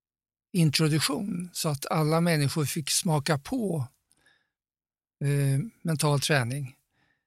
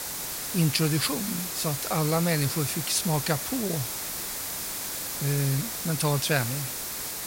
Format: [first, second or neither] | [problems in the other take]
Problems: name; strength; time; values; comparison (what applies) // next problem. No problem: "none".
first | hiss; loud; throughout; 3 dB below the speech